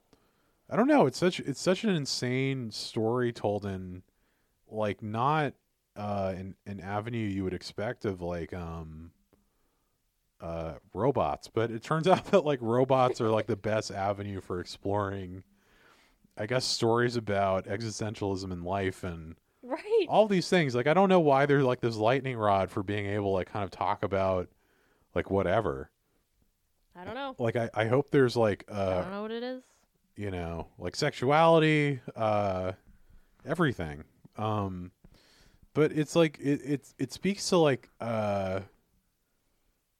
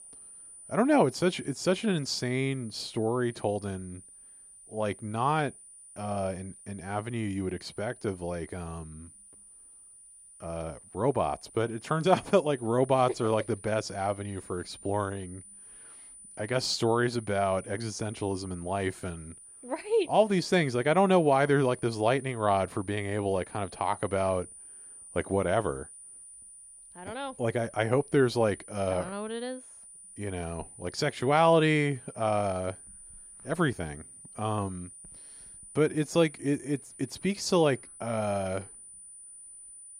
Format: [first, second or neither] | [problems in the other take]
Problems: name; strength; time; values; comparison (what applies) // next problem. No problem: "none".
first | high-pitched whine; noticeable; throughout; 9.5 kHz, 20 dB below the speech